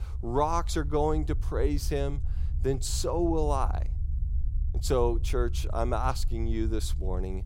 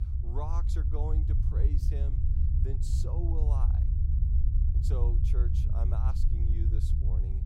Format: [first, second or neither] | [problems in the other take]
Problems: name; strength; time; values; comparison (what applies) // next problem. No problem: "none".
first | low rumble; loud; throughout; 1 dB below the speech; faint in the first